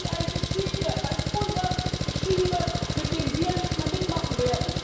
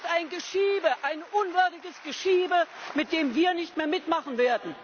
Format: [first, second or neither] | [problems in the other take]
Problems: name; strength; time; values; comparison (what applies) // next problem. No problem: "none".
second | background sound (Engine); 2 dB above the speech // room echo; dies away in 1 s